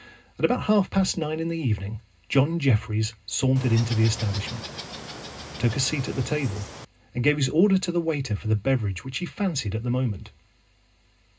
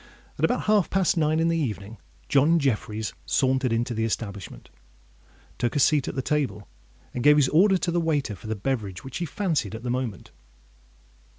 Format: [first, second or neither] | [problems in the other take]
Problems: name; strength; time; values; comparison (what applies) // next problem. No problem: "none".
second | background sound (Water / Bird); 12 dB below the speech // room echo; dies away in 0.2 s